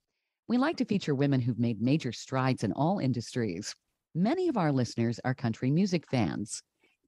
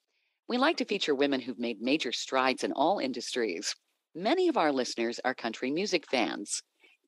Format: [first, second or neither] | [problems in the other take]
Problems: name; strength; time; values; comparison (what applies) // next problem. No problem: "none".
first | thin; somewhat; fading below 300 Hz